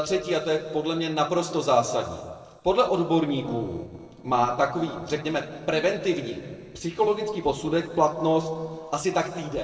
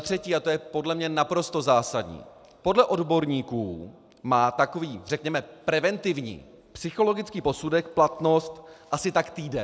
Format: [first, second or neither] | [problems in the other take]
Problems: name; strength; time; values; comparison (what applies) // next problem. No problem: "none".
second | noise reduction (neural separator model SepFormer DNS4)